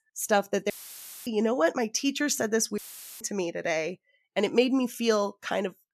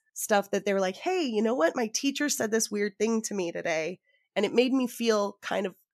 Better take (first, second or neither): second